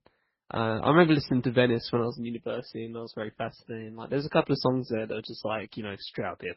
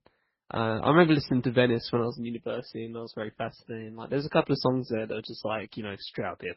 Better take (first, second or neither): neither